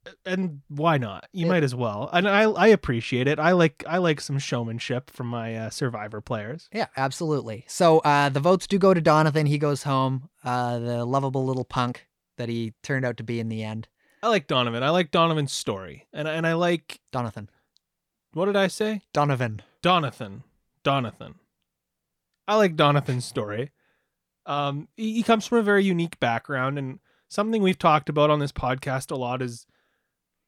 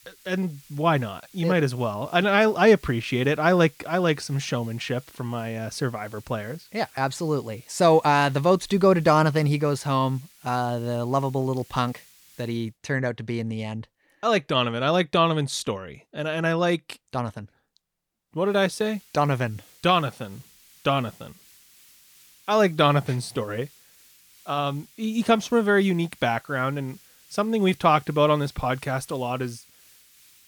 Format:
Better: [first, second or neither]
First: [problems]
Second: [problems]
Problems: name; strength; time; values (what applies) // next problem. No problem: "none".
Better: first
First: none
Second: hiss; faint; until 13 s and from 18 s on; 25 dB below the speech